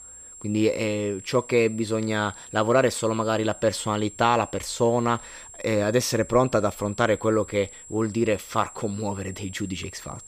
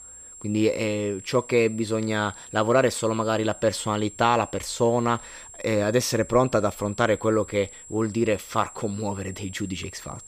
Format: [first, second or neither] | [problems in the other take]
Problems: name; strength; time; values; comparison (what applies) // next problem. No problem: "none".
neither | high-pitched whine; noticeable; throughout; 7.5 kHz, 15 dB below the speech; the same in both